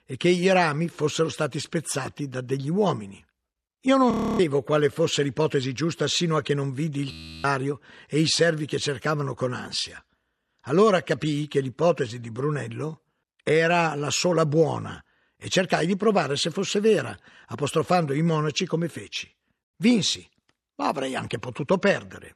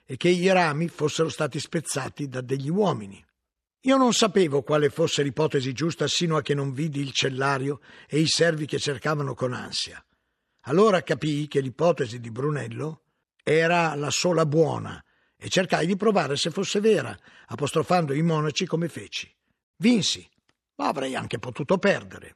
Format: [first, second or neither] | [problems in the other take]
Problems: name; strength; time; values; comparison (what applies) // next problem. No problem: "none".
second | audio freezing; at 4 s and at 7 s